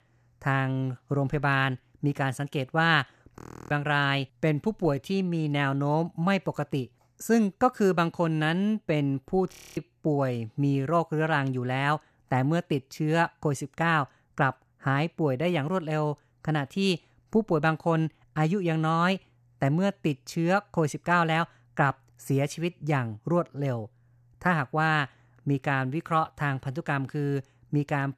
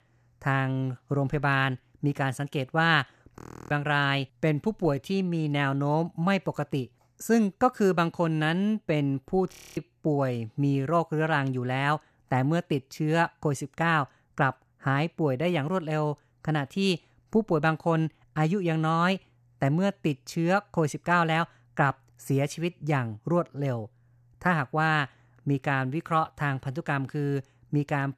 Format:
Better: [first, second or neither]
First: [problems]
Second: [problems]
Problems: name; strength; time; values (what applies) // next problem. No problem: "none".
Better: neither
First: audio freezing; at 3.5 s and at 9.5 s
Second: audio freezing; at 3.5 s and at 9.5 s